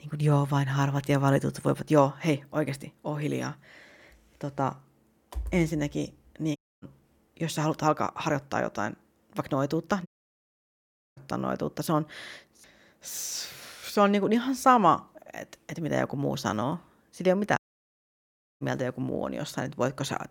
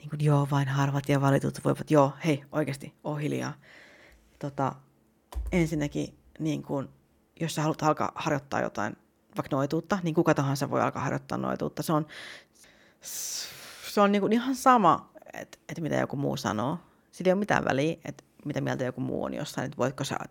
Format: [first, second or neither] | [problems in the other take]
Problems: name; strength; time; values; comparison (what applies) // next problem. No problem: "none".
second | audio cutting out; at 6.5 s, at 10 s for 1 s and at 18 s for 1 s